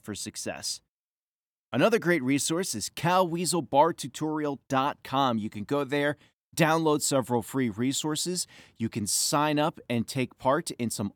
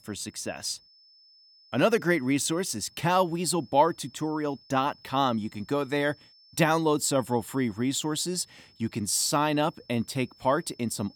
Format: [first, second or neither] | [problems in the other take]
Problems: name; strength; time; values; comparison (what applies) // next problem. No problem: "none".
first | high-pitched whine; faint; throughout; 5.5 kHz, 30 dB below the speech